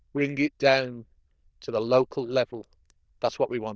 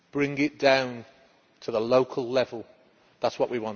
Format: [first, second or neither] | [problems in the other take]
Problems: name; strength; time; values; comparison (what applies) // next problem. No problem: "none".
second | noise reduction (neural diffusion model UNIVERSE++)